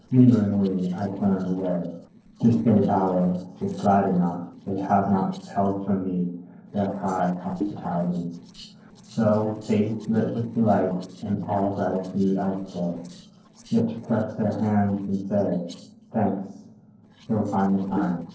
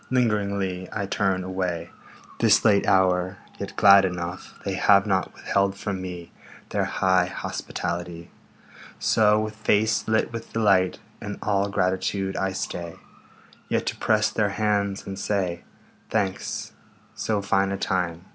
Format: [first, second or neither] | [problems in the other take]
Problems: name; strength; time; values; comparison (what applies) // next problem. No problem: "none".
second | noise reduction (neural separator model SepFormer DNS4)